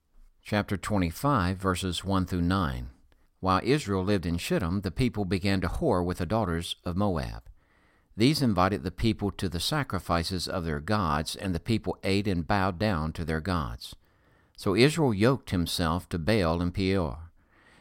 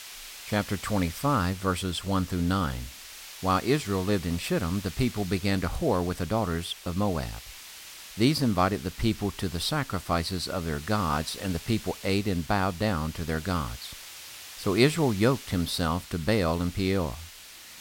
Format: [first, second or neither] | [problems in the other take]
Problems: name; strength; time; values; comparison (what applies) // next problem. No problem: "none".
first | hiss; noticeable; throughout; 15 dB below the speech